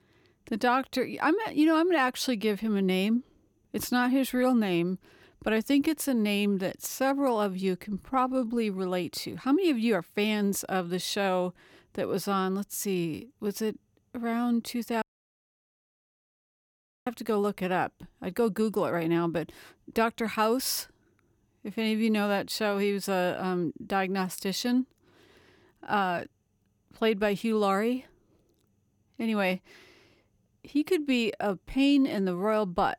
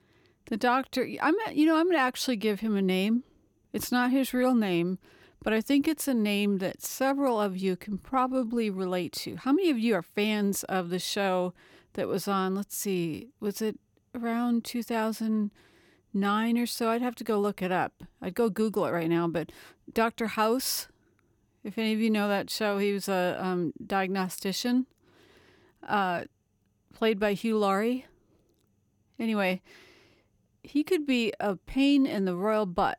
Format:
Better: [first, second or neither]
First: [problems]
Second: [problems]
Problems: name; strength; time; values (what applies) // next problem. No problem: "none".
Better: second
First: audio cutting out; at 15 s for 2 s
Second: none